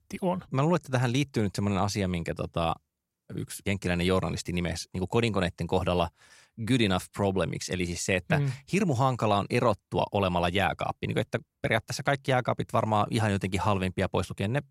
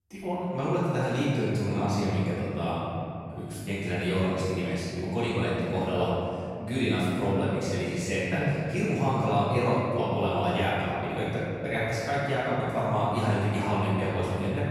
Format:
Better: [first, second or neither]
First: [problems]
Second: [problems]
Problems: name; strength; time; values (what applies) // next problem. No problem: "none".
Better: first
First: none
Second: off-mic speech; far // room echo; strong; dies away in 2.7 s